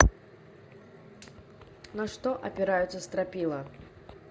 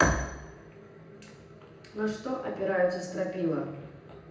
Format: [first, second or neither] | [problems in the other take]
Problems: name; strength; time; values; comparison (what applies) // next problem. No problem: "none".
first | room echo; dies away in 0.9 s